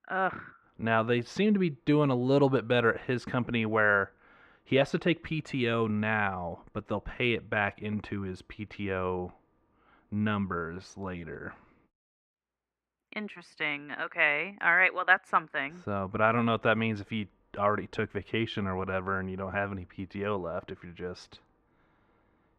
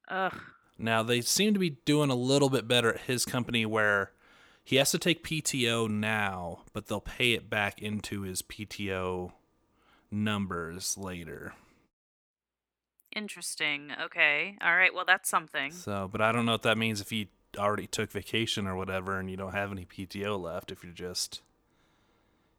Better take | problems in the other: second | muffled; very; fading above 1.5 kHz

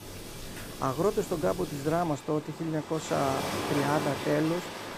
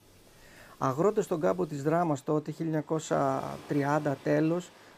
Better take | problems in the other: second | rain or running water; loud; throughout; 6 dB below the speech; faint in the second

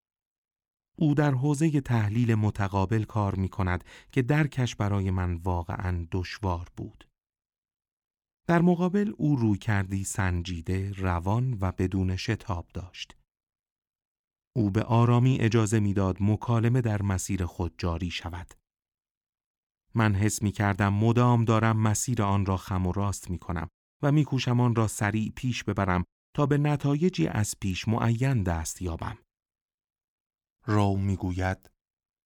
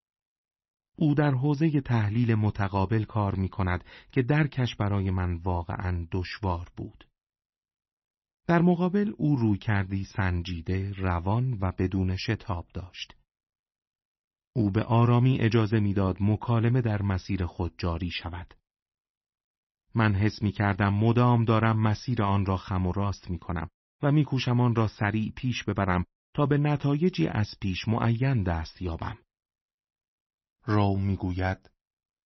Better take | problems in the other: first | garbled, watery; slightly; nothing above 6 kHz

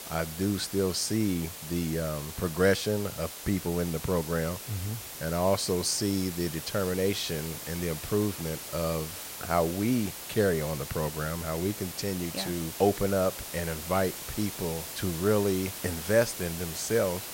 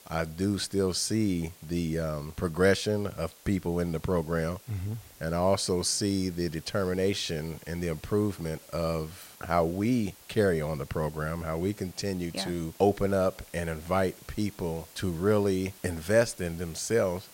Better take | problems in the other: second | hiss; loud; throughout; 8 dB below the speech; faint in the second

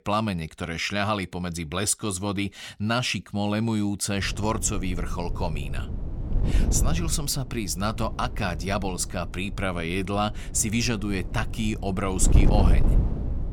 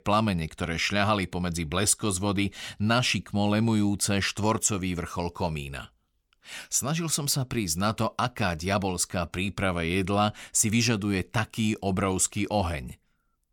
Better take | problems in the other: second | wind noise on the microphone; occasional gusts; from 4 s on; 10 dB below the speech

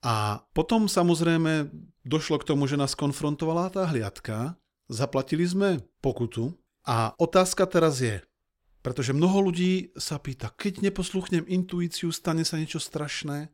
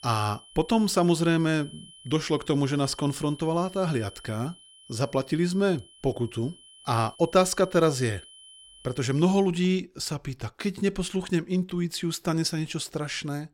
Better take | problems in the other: first | high-pitched whine; faint; until 9.5 s; 3 kHz, 20 dB below the speech

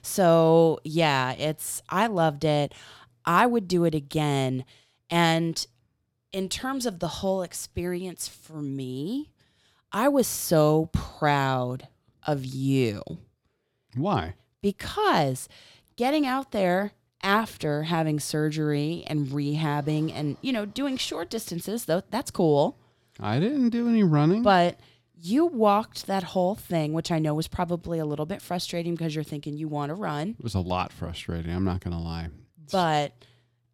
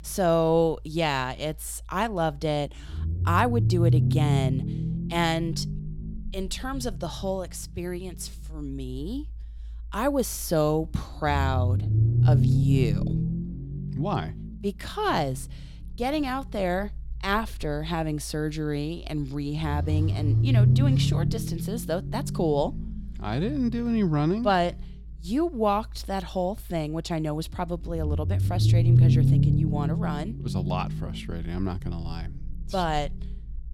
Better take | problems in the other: first | low rumble; loud; throughout; 8 dB below the speech

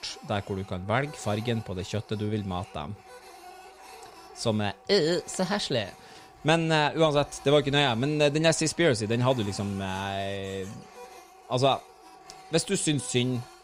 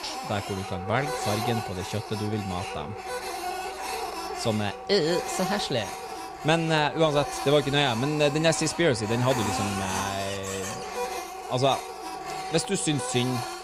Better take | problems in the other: first | household noises; loud; throughout; 7 dB below the speech; faint in the first

